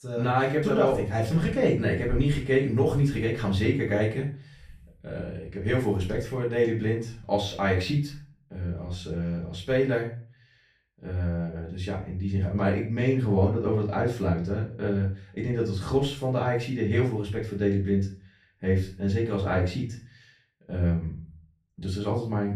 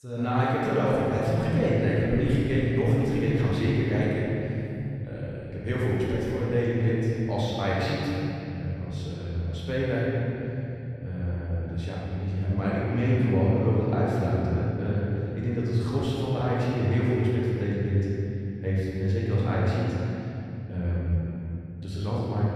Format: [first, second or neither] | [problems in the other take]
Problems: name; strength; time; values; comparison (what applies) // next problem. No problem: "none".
first | room echo; strong; dies away in 3 s; slight in the first // off-mic speech; far; far in the first